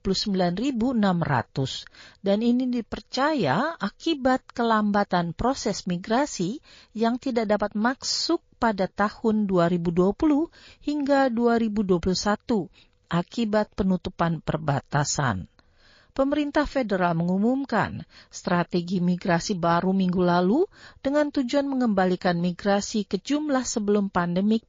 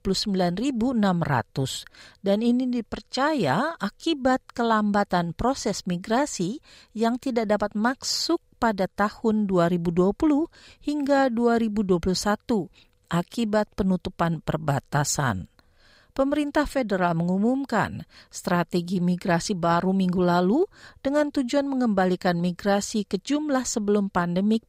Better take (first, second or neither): second